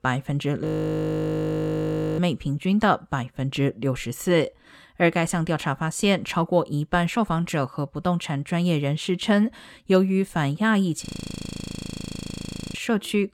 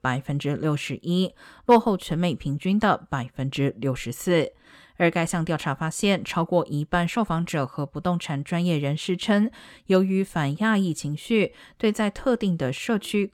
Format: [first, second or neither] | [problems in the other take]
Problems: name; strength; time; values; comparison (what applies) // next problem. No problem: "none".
second | audio freezing; at 0.5 s for 1.5 s and at 11 s for 1.5 s